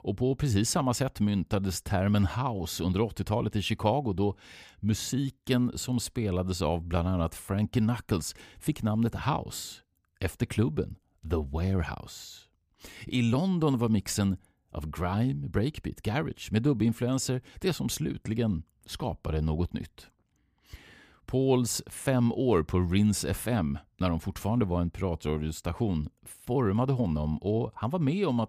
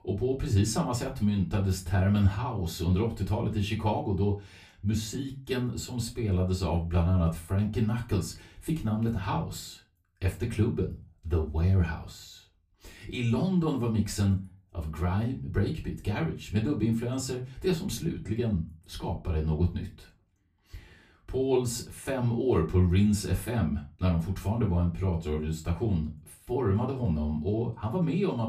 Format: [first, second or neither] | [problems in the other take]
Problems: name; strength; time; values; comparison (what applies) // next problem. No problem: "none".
first | off-mic speech; far // room echo; very slight; dies away in 0.2 s